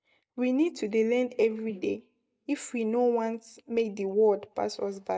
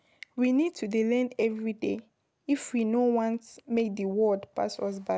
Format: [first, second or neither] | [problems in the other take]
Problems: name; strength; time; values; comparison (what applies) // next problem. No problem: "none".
second | noise reduction (neural mask model DeepFilterNet 3)